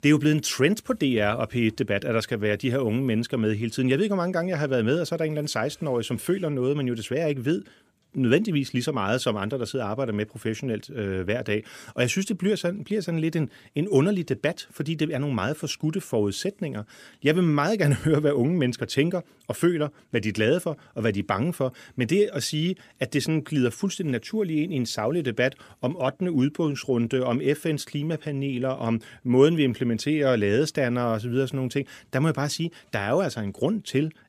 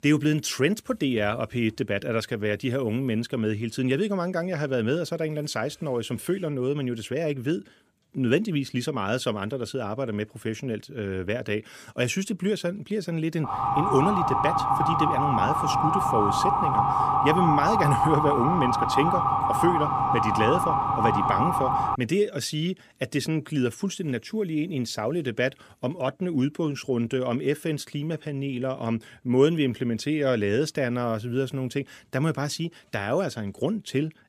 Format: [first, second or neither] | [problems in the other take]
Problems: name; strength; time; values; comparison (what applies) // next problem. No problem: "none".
first | siren; loud; from 13 to 22 s; peak 5 dB above the speech